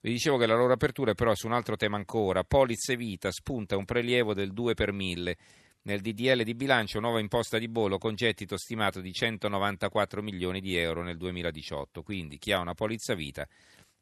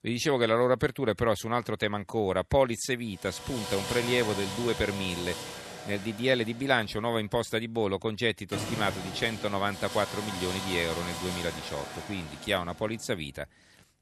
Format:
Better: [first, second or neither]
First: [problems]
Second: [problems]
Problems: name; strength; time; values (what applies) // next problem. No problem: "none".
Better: first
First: none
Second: machinery noise; loud; from 3.5 s on; 8 dB below the speech